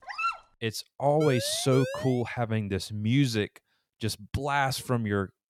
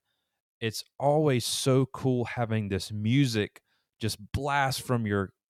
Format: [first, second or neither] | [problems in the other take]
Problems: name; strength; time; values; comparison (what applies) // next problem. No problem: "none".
second | dog barking; noticeable; at the start; peak 3 dB below the speech // siren; noticeable; from 1 to 2 s; peak 6 dB below the speech